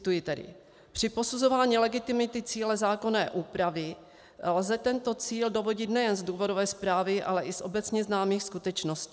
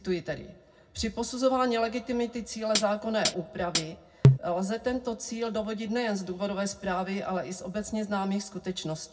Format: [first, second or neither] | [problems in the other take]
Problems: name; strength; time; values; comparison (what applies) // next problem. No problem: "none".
first | background sound (Hi-hat); 4 dB above the speech // room echo; dies away in 0.4 s